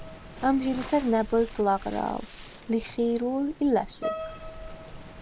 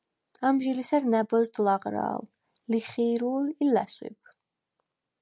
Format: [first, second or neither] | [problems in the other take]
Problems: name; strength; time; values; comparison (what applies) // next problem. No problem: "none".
second | background sound (Piano + Waves, surf); 12 dB below the speech